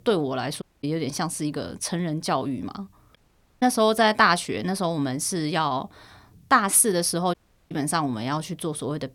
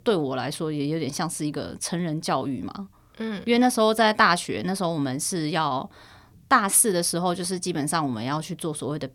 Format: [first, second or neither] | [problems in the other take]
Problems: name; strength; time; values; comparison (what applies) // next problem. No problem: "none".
second | audio cutting out; at 0.5 s, at 3 s and at 7.5 s